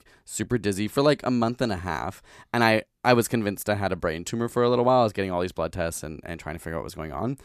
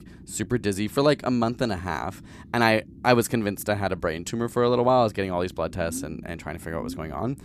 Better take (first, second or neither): first